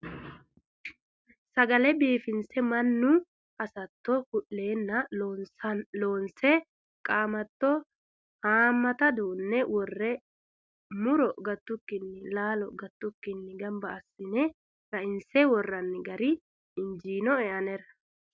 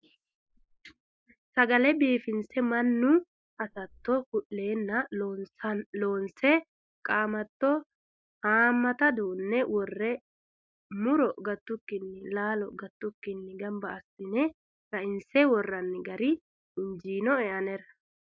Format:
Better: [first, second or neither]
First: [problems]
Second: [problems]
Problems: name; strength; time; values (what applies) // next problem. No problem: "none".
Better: first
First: none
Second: noise reduction (neural mask model Resemble Enhance denoiser)